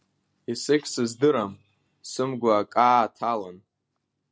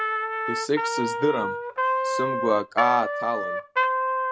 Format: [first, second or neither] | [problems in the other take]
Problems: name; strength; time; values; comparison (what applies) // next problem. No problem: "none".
first | background sound (Trumpet); 2 dB above the speech